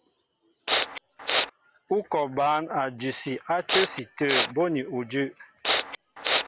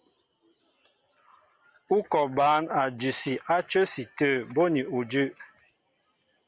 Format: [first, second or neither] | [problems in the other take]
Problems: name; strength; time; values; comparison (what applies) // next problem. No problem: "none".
second | background sound (Respiratory sounds); 2 dB above the speech